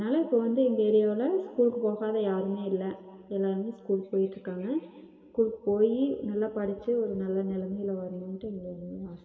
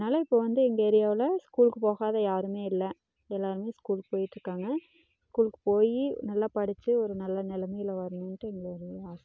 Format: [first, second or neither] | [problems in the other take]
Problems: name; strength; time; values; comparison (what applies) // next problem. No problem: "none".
second | room echo; dies away in 2.2 s